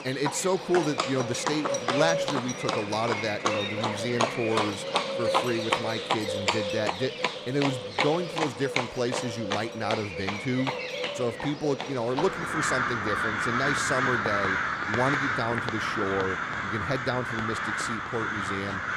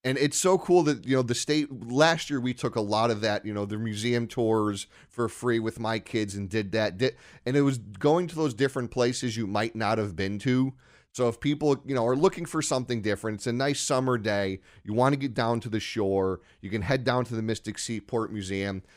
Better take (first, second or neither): second